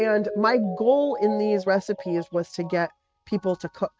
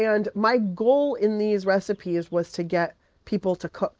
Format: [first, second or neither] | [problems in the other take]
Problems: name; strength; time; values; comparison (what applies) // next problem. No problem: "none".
second | noise reduction (neural mask model RNNoise)